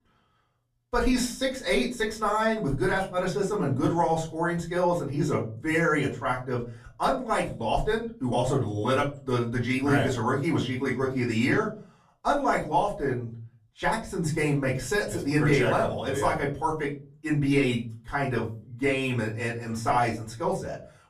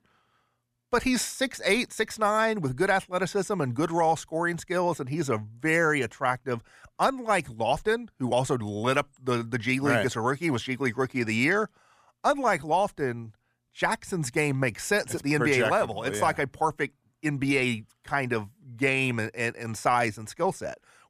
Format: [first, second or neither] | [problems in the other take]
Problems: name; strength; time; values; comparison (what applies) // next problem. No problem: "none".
second | off-mic speech; far // room echo; slight; dies away in 0.5 s